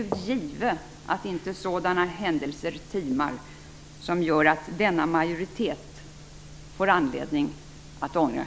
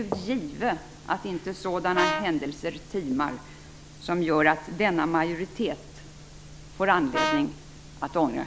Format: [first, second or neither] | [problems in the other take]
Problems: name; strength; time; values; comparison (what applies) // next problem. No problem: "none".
first | background sound (Brass instrument); 2 dB below the speech